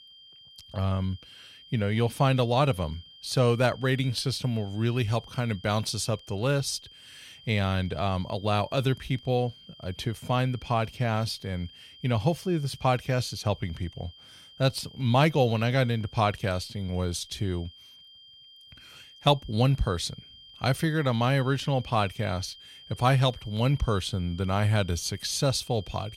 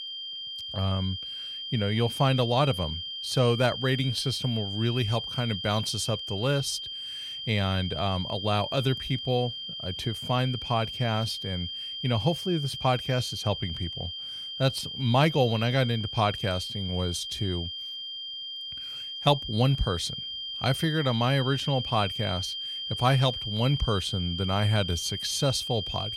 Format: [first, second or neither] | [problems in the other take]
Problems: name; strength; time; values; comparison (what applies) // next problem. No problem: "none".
first | high-pitched whine; loud; throughout; 3 kHz, 6 dB below the speech; faint in the first